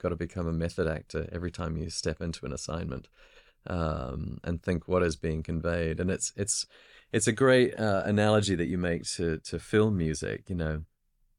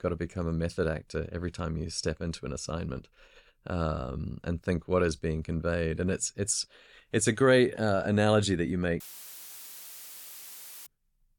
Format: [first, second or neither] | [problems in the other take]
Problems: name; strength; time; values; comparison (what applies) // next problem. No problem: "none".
first | audio cutting out; filled with static; at 9 s for 2 s